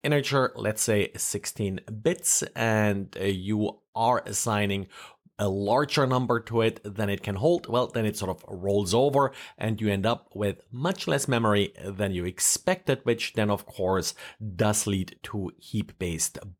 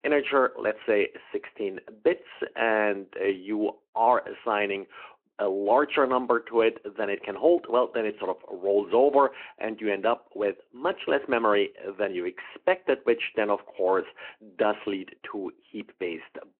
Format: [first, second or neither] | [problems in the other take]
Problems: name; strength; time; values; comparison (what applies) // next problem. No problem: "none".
first | phone-call audio